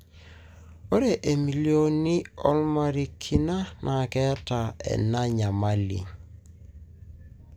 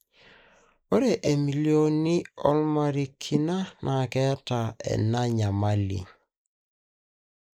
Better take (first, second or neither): first